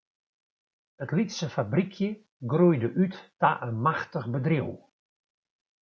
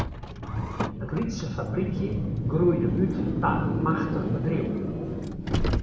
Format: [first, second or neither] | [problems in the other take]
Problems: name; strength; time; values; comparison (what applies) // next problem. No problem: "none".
first | background sound (Car); 2 dB above the speech // room echo; dies away in 0.8 s